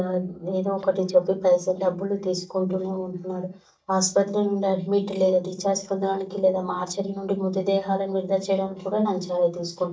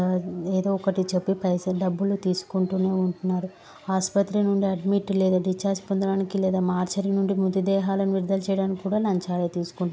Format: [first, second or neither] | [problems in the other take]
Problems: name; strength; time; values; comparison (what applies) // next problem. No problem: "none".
second | noise reduction (neural mask model DeepFilterNet 3)